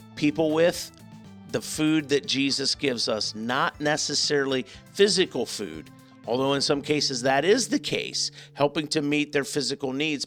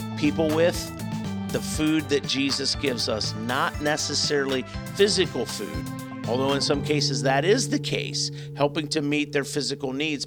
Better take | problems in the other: first | background music; loud; throughout; 9 dB below the speech; faint in the first

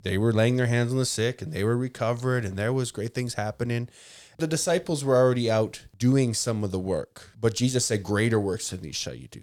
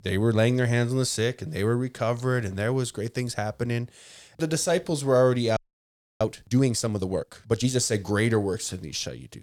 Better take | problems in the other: first | audio freezing; at 5.5 s for 0.5 s

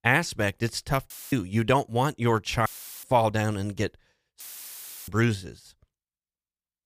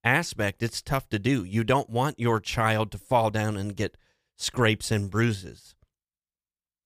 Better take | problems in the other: second | audio cutting out; filled with static; at 1 s, at 2.5 s and at 4.5 s for 0.5 s

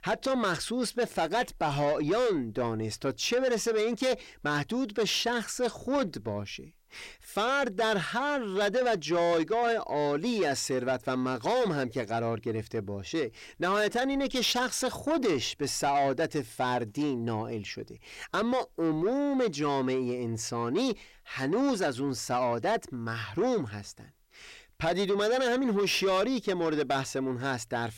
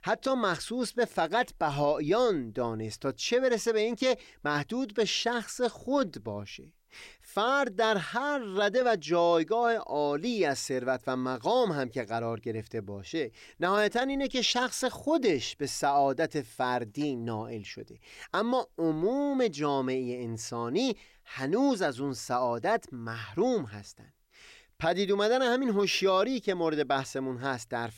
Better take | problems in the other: second | distortion; slight; 10 dB below the speech

